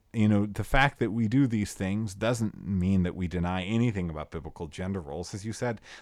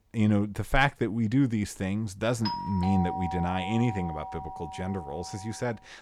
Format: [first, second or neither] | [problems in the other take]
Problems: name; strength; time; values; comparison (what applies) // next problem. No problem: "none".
first | doorbell; noticeable; from 2.5 s on; peak 4 dB below the speech